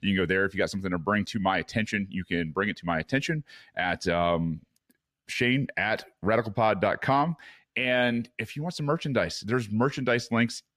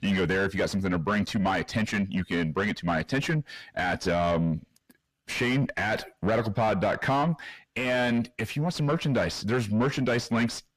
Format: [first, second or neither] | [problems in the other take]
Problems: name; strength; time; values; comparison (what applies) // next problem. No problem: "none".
first | distortion; heavy; 7 dB below the speech